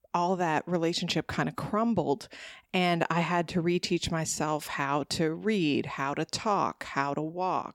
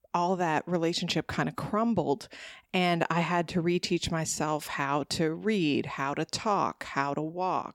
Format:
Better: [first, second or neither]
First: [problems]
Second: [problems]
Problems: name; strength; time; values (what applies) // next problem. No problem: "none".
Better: neither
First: none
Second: none